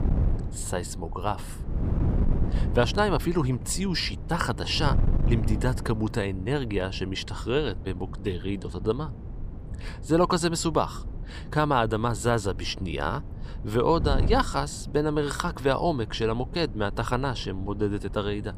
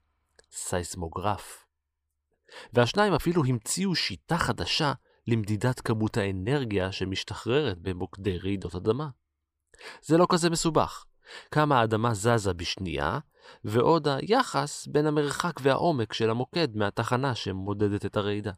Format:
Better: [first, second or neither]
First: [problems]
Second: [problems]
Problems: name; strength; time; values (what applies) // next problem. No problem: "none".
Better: second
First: wind noise on the microphone; occasional gusts; 15 dB below the speech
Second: none